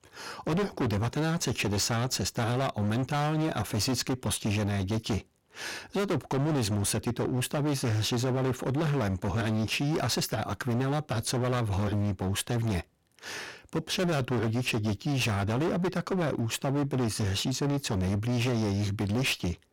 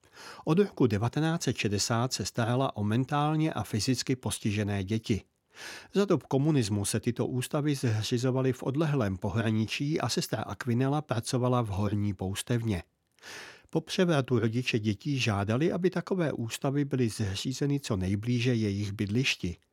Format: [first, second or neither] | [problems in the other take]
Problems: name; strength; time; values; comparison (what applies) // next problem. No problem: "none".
second | distortion; heavy; 30% of the sound clipped